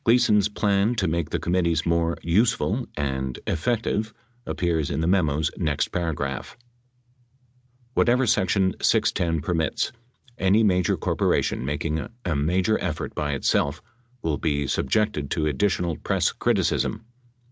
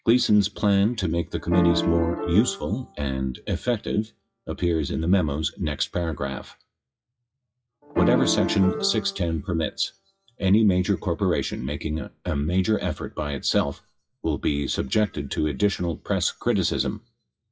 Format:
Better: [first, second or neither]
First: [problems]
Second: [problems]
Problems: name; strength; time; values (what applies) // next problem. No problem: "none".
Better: first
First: none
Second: noise reduction (classical method WPE with log-MMSE)